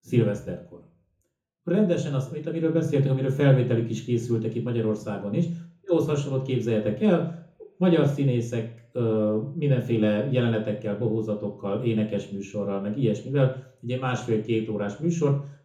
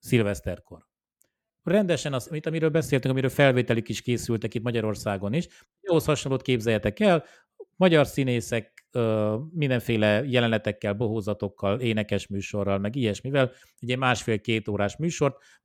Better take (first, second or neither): second